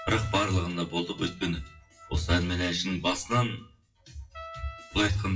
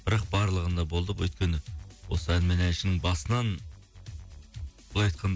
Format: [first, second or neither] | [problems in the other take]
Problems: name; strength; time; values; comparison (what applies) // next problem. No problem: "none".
second | noise reduction (classical method WPE with log-MMSE)